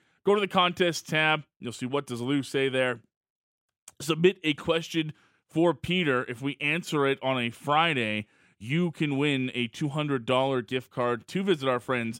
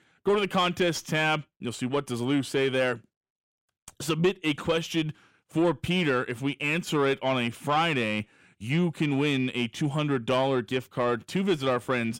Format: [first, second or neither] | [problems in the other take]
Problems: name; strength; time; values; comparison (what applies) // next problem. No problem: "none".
first | distortion; slight; 10 dB below the speech